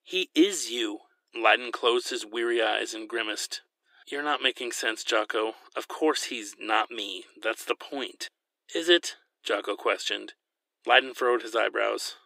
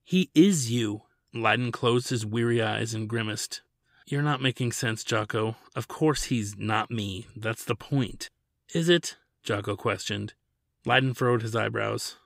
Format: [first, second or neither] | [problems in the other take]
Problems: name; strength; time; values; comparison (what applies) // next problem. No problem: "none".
second | thin; very; fading below 300 Hz